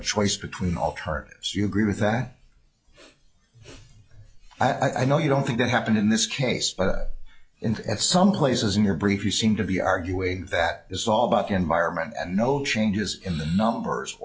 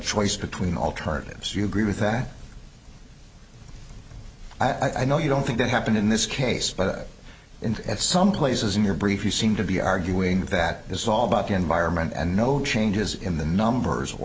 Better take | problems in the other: second | noise reduction (classical method log-MMSE)

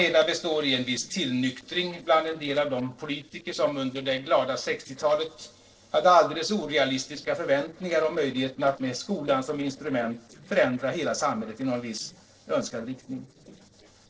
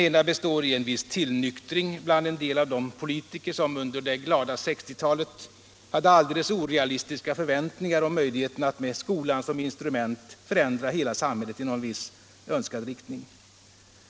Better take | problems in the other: second | noise reduction (neural separator model SepFormer DNS4)

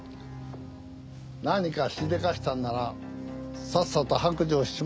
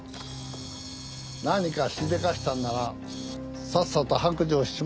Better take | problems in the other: first | background sound (Camera); 17 dB below the speech

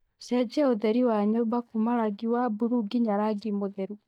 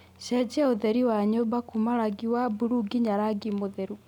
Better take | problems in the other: second | noise reduction (neural mask model DeepFilterNet 3)

